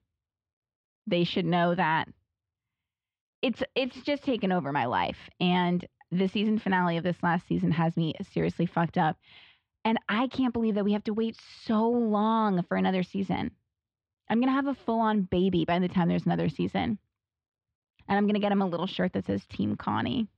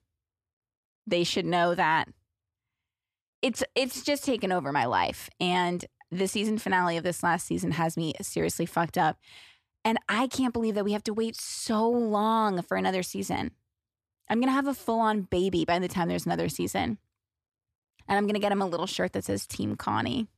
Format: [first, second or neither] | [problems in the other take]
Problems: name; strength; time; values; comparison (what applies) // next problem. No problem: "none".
second | muffled; slightly; fading above 3.5 kHz